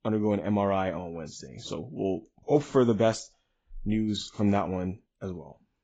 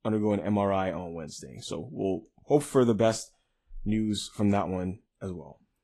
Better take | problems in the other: second | garbled, watery; badly; nothing above 7.5 kHz; slightly in the second

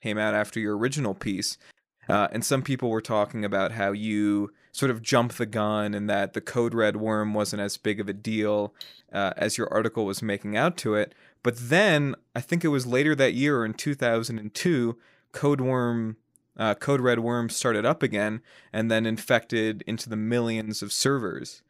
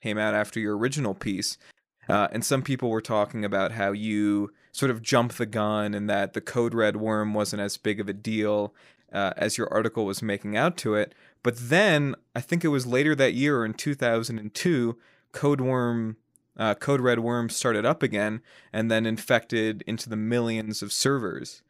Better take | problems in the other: second | clattering dishes; faint; at 9 s; peak 20 dB below the speech

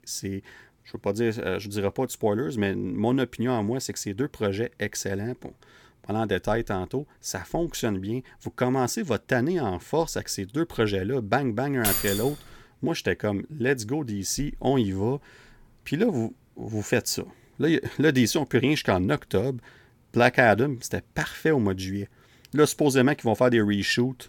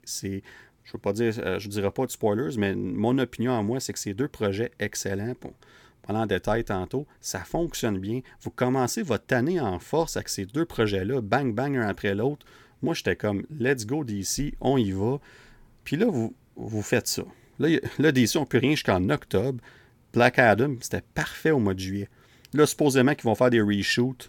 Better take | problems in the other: second | jangling keys; loud; at 12 s; peak 2 dB above the speech

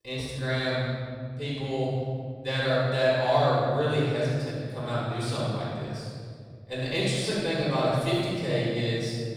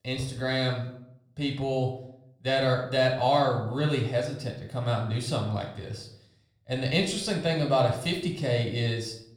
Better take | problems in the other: second | room echo; strong; dies away in 2.2 s; slight in the second // off-mic speech; far; somewhat distant in the second

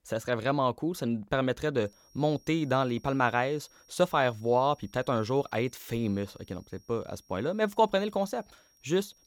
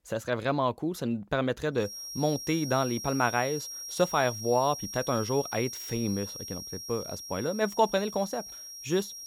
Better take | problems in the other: first | high-pitched whine; loud; from 2 s on; 5.5 kHz, 8 dB below the speech; faint in the first

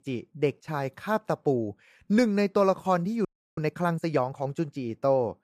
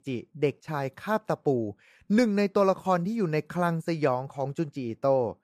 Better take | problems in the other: second | audio freezing; at 3.5 s

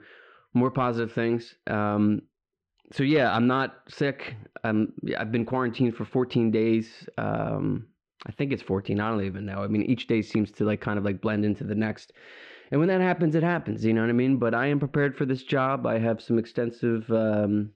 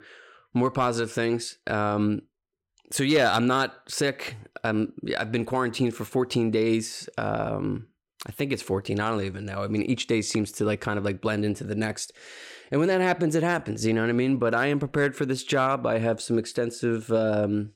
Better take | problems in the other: second | muffled; slightly; fading above 3.5 kHz

